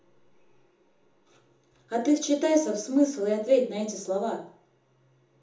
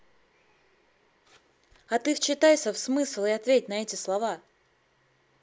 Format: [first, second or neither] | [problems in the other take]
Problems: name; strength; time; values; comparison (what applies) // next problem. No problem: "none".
second | room echo; dies away in 0.7 s